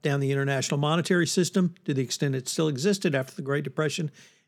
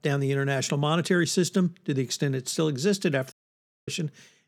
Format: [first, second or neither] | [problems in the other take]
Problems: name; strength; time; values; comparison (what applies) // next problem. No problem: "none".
first | audio cutting out; at 3.5 s for 0.5 s